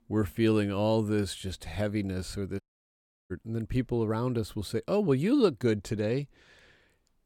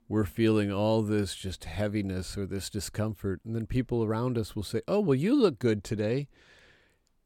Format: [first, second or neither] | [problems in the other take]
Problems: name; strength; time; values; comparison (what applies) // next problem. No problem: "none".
second | audio cutting out; at 2.5 s for 0.5 s